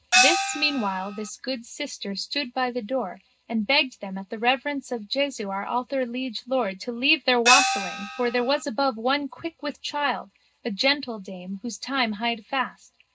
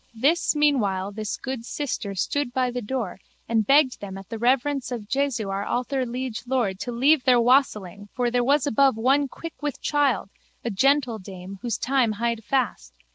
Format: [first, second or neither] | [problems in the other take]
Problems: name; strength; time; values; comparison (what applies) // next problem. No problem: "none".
second | background sound (Gong); 3 dB above the speech // room echo; dies away in 0.2 s